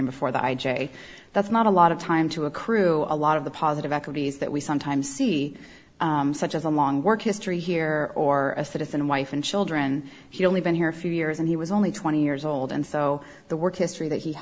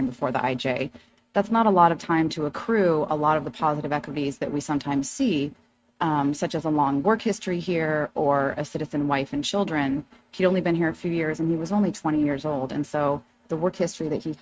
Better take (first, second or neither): first